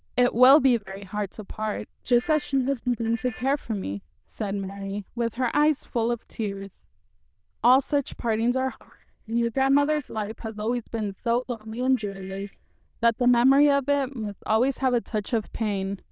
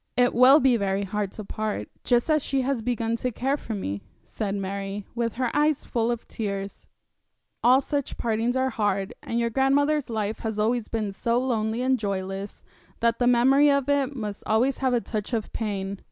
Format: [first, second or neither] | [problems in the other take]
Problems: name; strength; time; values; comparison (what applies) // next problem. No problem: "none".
second | noise reduction (neural diffusion model UNIVERSE++)